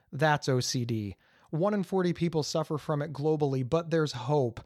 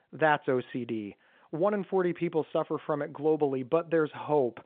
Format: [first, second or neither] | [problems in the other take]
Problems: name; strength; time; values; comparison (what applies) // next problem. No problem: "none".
first | phone-call audio; nothing above 3.5 kHz